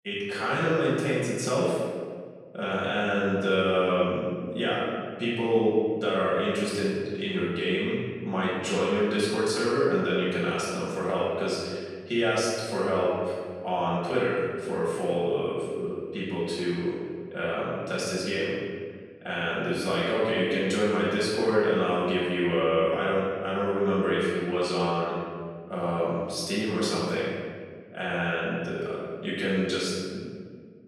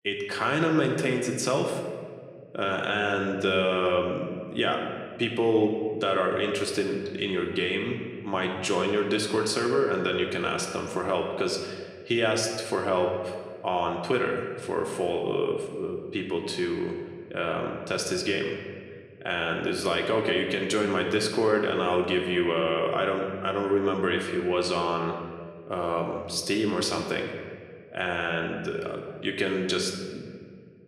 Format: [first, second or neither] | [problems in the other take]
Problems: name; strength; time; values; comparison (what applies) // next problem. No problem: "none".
second | room echo; strong; dies away in 1.6 s; slight in the second // off-mic speech; far